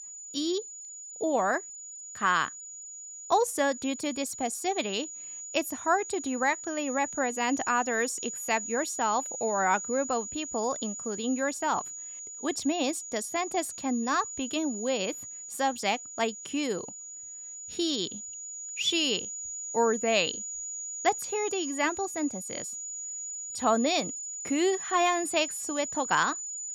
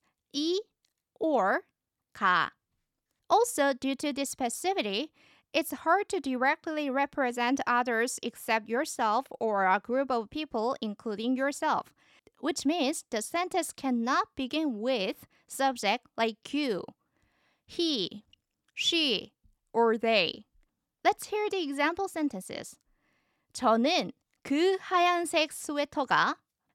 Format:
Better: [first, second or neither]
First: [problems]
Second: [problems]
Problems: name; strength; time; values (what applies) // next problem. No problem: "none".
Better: second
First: high-pitched whine; loud; throughout; 7 kHz, 7 dB below the speech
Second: none